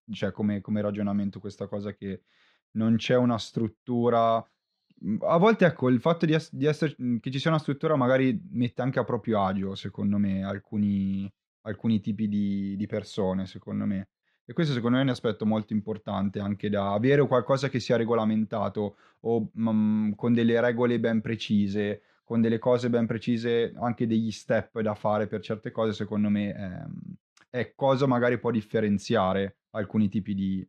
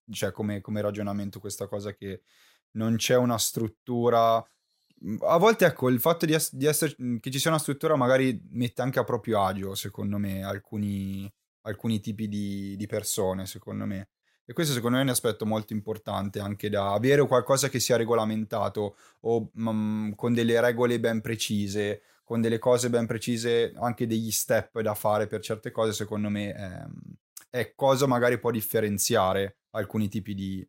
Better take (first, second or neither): second